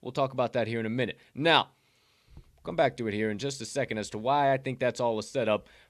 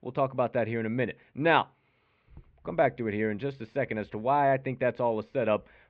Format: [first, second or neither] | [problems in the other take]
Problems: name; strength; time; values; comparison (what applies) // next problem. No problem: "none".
first | muffled; very; fading above 2.5 kHz